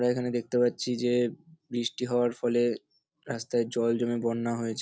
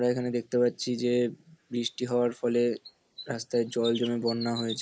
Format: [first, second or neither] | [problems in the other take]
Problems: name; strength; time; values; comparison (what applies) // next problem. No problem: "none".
first | noise reduction (neural mask model Resemble Enhance denoiser)